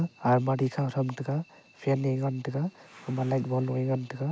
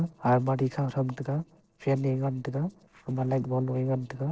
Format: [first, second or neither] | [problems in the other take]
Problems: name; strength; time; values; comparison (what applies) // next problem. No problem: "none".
first | noise reduction (neural separator model SepFormer DNS4)